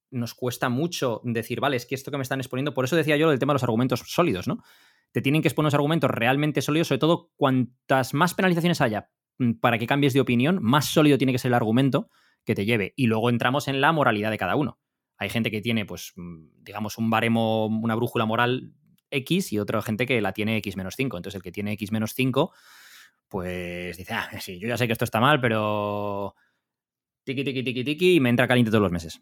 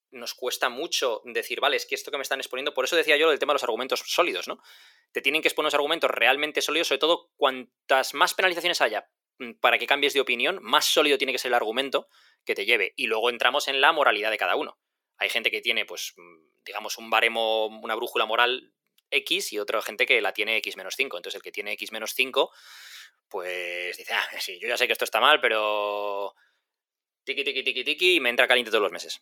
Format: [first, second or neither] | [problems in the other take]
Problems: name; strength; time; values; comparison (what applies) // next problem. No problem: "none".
first | thin; very; fading below 450 Hz